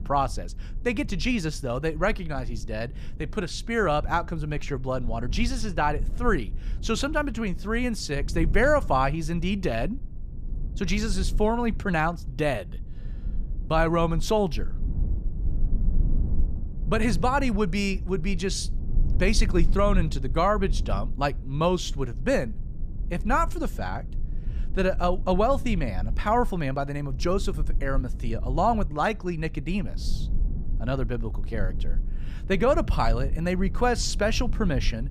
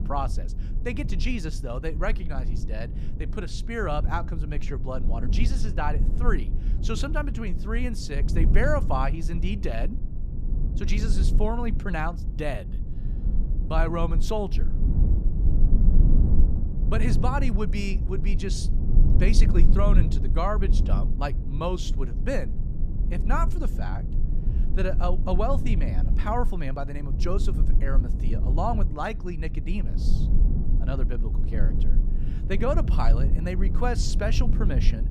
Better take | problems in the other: first | low rumble; loud; throughout; 10 dB below the speech; faint in the first

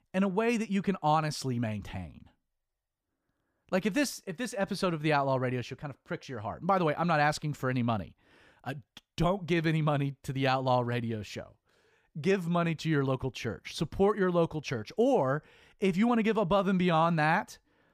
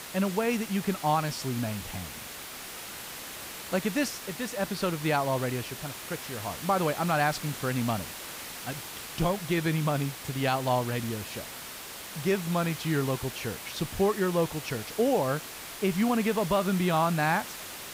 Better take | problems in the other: first | hiss; loud; throughout; 9 dB below the speech

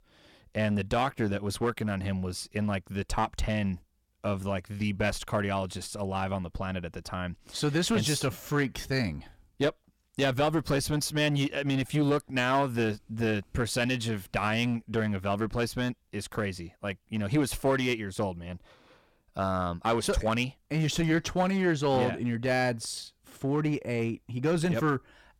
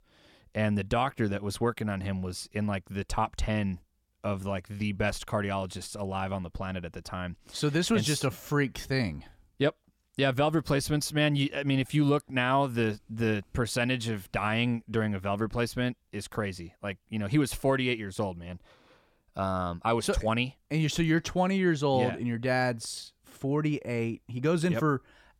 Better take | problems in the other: second | distortion; slight; 5% of the sound clipped

